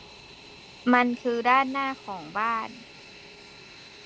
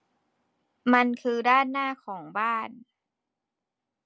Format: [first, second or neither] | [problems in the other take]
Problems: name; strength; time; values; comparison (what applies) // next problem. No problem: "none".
second | background sound (Fixed-wing aircraft, airplane); 19 dB below the speech